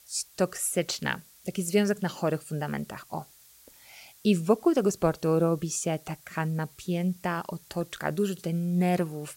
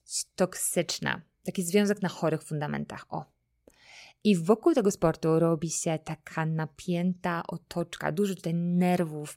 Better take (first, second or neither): second